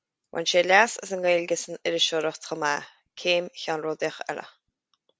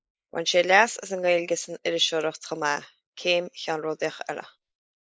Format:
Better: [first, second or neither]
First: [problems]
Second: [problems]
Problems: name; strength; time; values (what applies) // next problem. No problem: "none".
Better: first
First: none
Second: noise reduction (neural mask model Resemble Enhance denoiser)